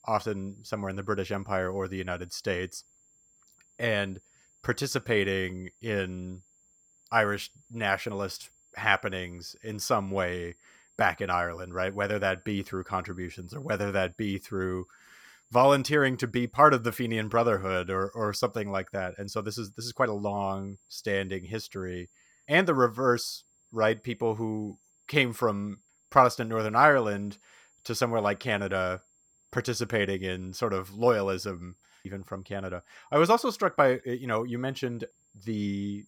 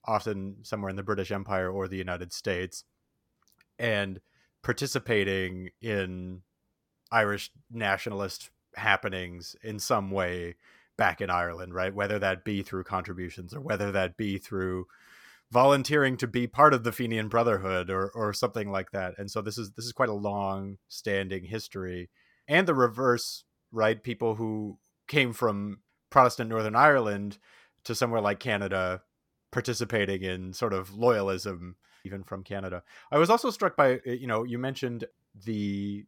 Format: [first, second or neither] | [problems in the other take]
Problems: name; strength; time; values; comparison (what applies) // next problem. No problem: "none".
second | high-pitched whine; faint; throughout; 7.5 kHz, 35 dB below the speech